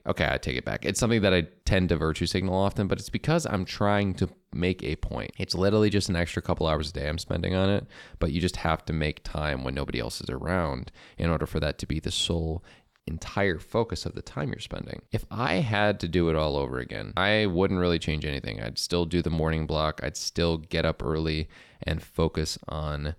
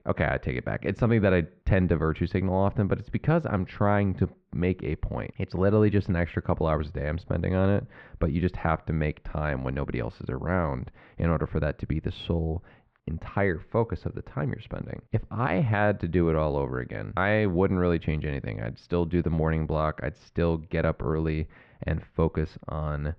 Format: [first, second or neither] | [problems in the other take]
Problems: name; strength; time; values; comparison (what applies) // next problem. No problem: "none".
first | muffled; very; fading above 2 kHz